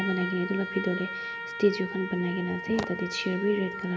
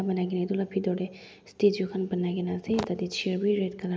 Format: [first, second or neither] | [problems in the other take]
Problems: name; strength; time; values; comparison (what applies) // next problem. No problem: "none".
second | background sound (Trumpet); 7 dB below the speech